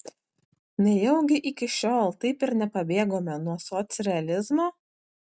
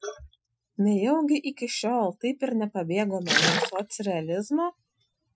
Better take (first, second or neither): first